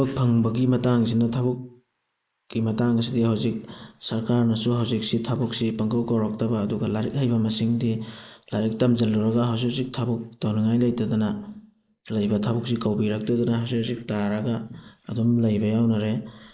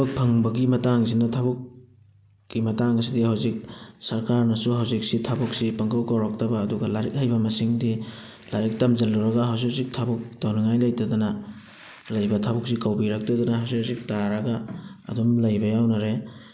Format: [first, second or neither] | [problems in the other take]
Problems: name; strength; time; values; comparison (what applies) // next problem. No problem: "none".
second | noise reduction (neural mask model Resemble Enhance denoiser)